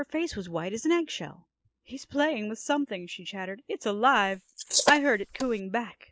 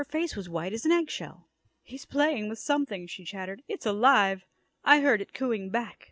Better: second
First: noise reduction (neural mask model Resemble Enhance denoiser)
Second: none

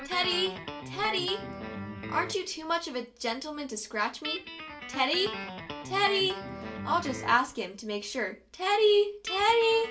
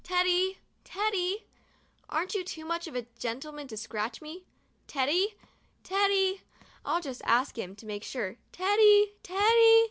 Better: second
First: background sound (Guitar); 11 dB below the speech // room echo; dies away in 0.2 s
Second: none

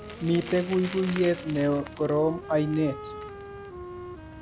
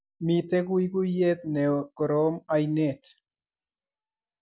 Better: second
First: background sound (Wind instrument, woodwind instrument + Bicycle); 12 dB below the speech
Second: none

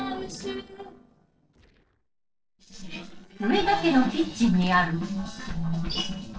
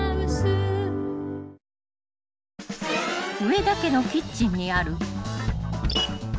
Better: second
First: noise reduction (neural separator model SepFormer DNS4)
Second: none

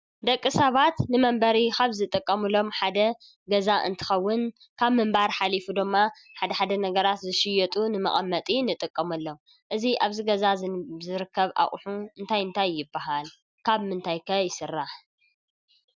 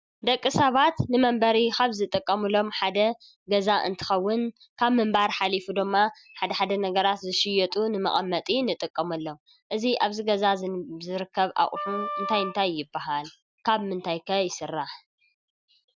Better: first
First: none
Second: background sound (Wind instrument, woodwind instrument); 8 dB below the speech

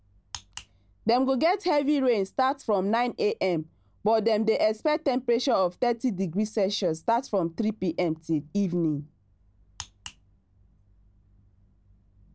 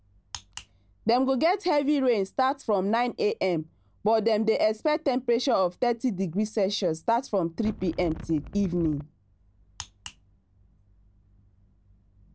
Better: first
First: none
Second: background sound (Wind); 12 dB below the speech

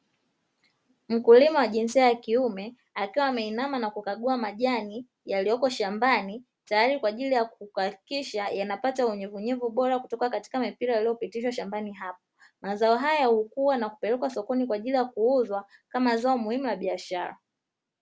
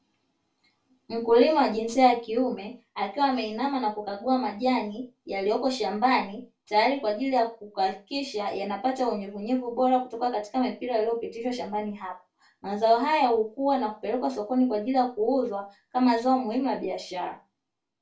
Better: first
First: none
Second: room echo; dies away in 0.2 s

